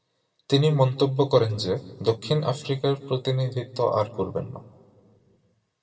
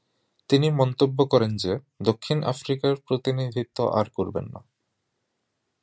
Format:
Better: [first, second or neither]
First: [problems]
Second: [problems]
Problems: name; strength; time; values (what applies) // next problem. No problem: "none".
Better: second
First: room echo; dies away in 1.1 s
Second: none